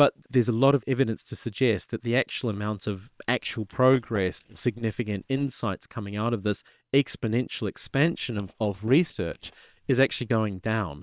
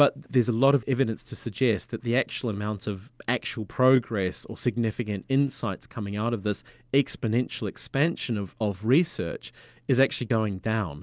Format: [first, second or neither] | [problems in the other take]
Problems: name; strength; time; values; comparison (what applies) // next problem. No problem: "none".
second | noise reduction (neural separator model SepFormer WHAM!)